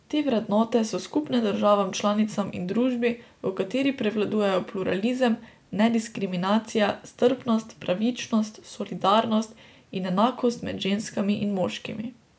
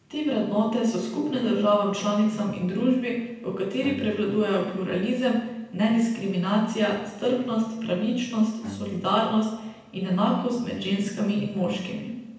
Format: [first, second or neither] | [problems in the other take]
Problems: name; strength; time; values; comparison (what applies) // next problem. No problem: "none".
first | background sound (Bowed string instrument); 19 dB below the speech // room echo; dies away in 0.9 s